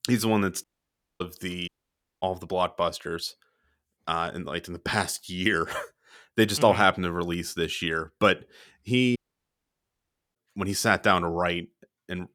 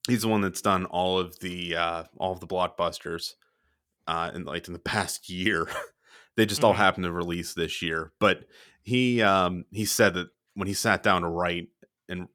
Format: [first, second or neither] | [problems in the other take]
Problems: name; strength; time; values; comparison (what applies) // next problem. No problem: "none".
second | audio cutting out; at 0.5 s for 0.5 s, at 1.5 s for 0.5 s and at 9 s for 1 s